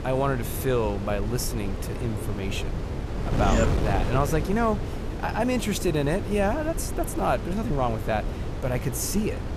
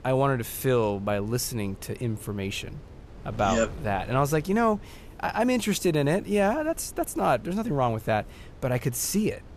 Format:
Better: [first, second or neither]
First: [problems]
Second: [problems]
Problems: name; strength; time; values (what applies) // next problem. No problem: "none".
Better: second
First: wind noise on the microphone; heavy; 8 dB below the speech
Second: wind noise on the microphone; occasional gusts; 25 dB below the speech